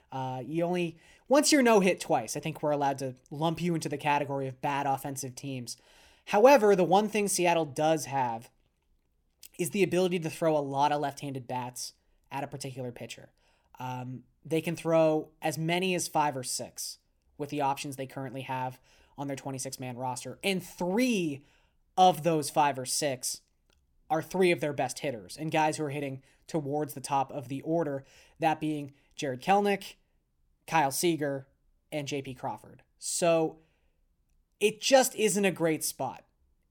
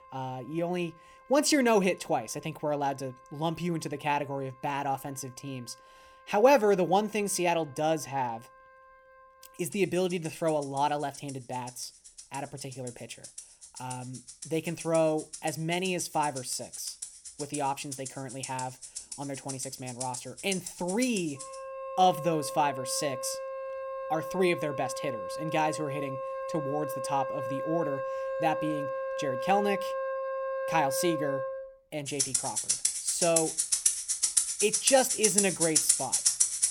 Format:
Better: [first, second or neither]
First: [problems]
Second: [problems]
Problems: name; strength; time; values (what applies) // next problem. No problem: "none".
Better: first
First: none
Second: background music; loud; throughout; 1 dB below the speech